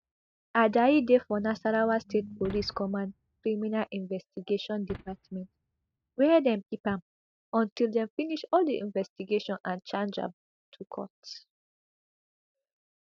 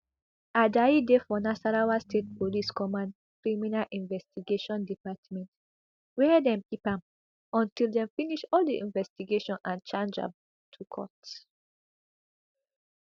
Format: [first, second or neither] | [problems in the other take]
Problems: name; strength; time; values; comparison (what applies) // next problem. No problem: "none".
second | noise reduction (neural mask model RNNoise)